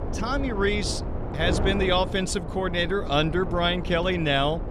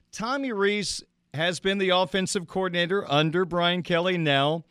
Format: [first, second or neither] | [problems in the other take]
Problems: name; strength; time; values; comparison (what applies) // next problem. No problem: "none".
second | wind noise on the microphone; occasional gusts; 10 dB below the speech